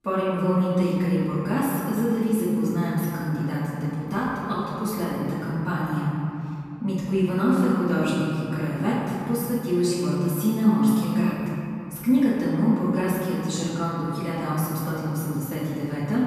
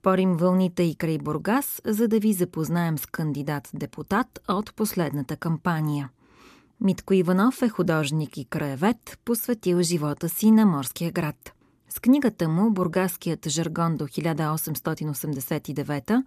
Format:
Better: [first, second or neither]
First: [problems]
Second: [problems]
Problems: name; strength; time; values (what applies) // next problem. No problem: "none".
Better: second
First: off-mic speech; far // room echo; strong; dies away in 3 s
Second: none